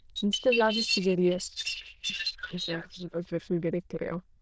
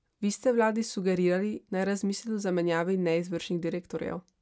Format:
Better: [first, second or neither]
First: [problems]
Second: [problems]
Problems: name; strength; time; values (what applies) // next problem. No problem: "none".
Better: second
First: noise reduction (neural diffusion model UNIVERSE++)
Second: none